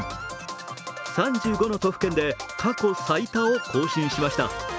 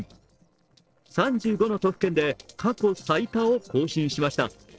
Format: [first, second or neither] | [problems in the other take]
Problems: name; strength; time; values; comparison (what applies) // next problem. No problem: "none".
first | noise reduction (neural separator model SepFormer DNS4)